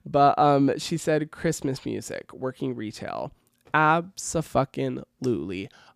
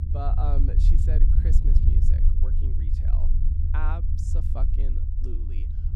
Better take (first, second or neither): first